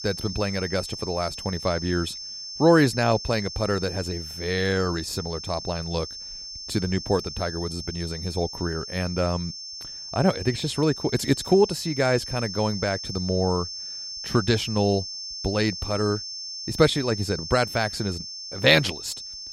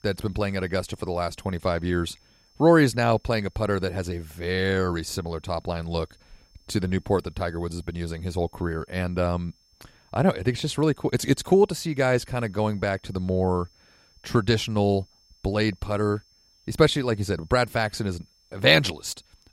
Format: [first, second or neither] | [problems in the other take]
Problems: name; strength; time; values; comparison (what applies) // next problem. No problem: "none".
second | high-pitched whine; loud; throughout; 5.5 kHz, 8 dB below the speech; faint in the second